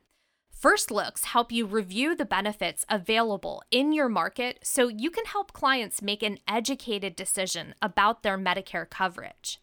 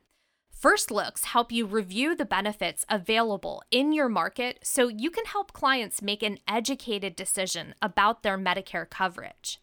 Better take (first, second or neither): neither